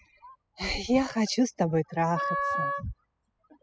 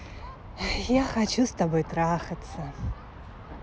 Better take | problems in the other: second | noise reduction (classical method spectral subtraction)

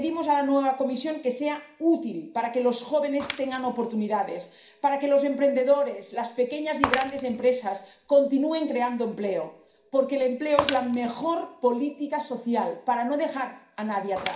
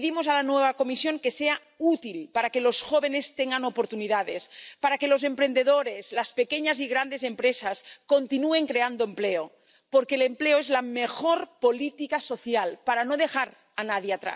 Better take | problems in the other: second | background sound (Shatter); 14 dB below the speech // room echo; dies away in 0.5 s

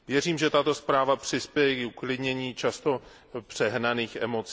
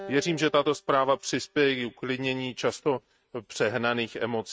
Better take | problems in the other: first | noise reduction (neural mask model RNNoise)

